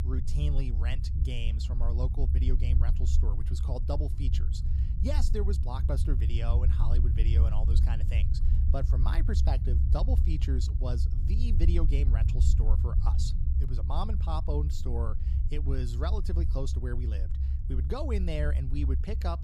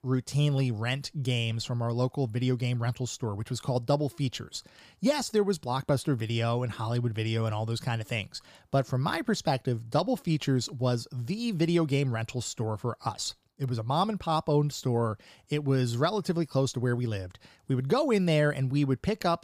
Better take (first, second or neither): second